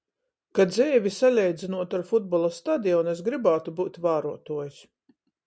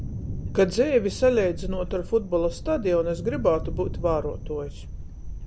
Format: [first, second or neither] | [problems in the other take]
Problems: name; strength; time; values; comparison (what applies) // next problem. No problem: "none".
first | background sound (Thunder + Wind / Bird); 8 dB below the speech